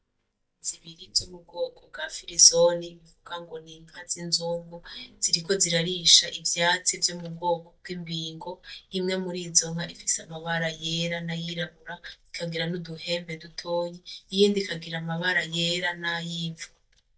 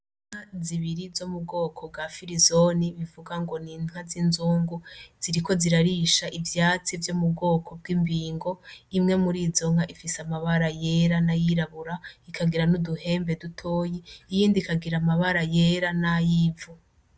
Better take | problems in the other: second | noise reduction (neural mask model DeepFilterNet 3)

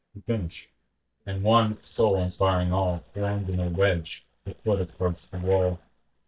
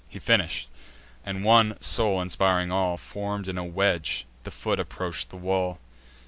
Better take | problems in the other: second | noise reduction (neural mask model DeepFilterNet 3)

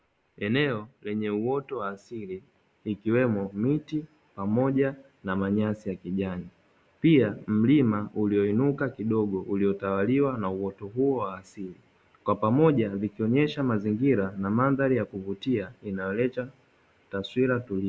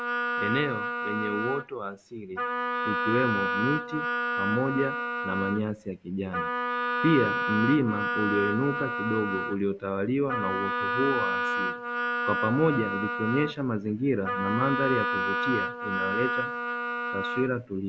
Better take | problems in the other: first | background sound (Wind instrument, woodwind instrument); 1 dB below the speech

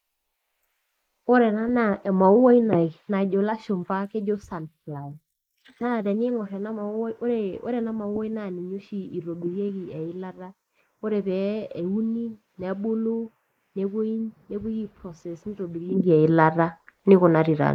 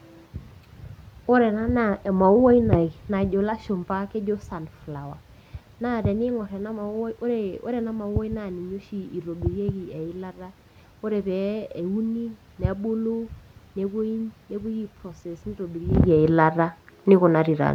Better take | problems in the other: second | noise reduction (neural mask model Resemble Enhance denoiser)

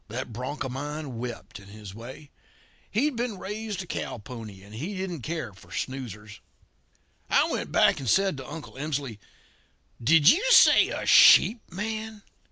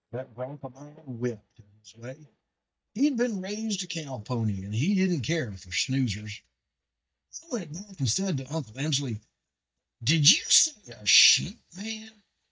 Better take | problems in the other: first | noise reduction (neural mask model DeepFilterNet 3)

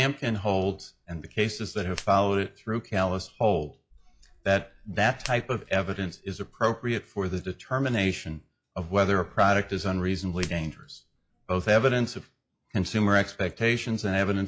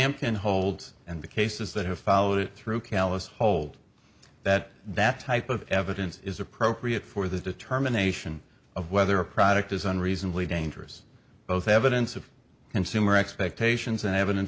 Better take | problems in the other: second | noise reduction (classical method log-MMSE)

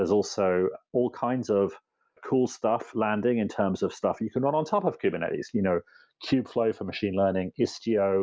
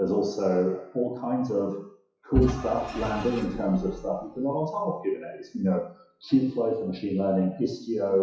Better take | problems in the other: first | noise reduction (classical method WPE with log-MMSE)

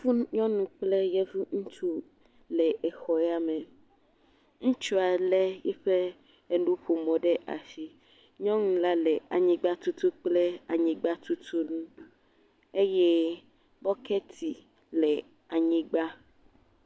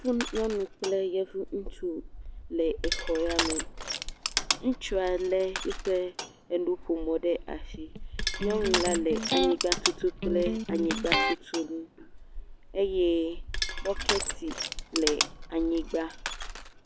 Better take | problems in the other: first | background sound (Crushing + Electric guitar); 3 dB below the speech

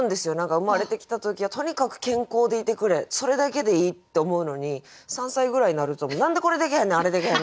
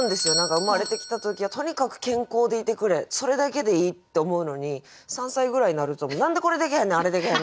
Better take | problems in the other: first | background sound (Bell / Doorbell); 12 dB below the speech

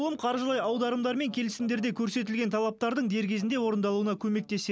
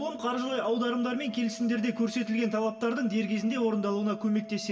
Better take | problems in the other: first | background sound (Organ); 16 dB below the speech // room echo; dies away in 0.7 s

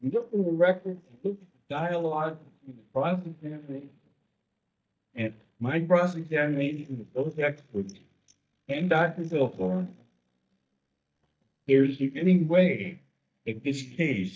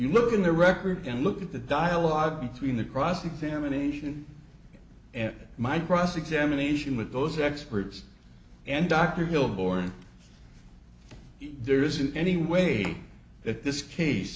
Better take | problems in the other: second | noise reduction (neural mask model DeepFilterNet 3)

